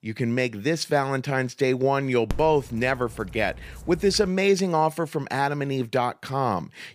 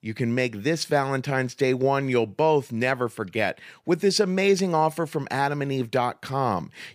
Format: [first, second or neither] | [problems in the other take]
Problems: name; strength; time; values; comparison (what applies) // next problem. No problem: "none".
second | dog barking; faint; from 2.5 to 4.5 s; peak 10 dB below the speech